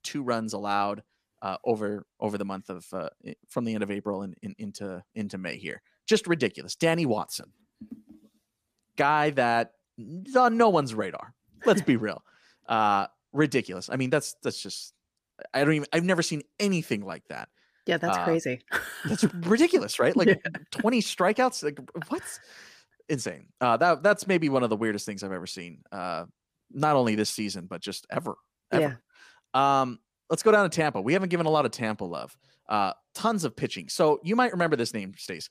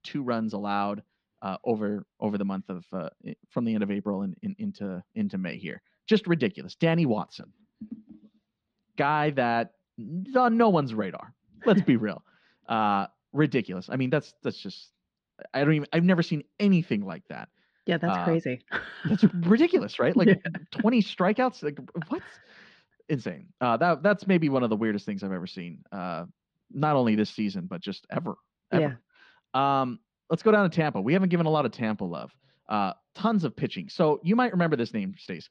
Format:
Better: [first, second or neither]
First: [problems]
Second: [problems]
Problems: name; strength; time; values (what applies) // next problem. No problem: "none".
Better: first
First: none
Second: muffled; very slightly; fading above 4 kHz